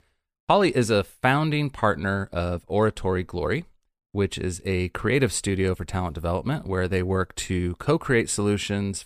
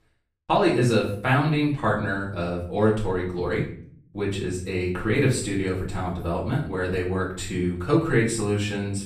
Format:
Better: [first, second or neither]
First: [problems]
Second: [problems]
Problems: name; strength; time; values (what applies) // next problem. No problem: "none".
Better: first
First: none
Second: off-mic speech; far // room echo; noticeable; dies away in 0.5 s